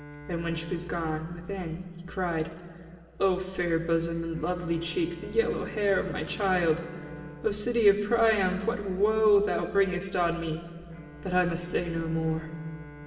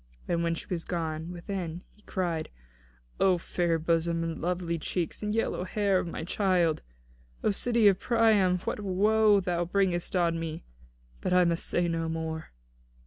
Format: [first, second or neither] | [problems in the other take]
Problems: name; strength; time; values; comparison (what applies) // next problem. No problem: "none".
second | background sound (Bowed string instrument); 19 dB below the speech // room echo; dies away in 2.7 s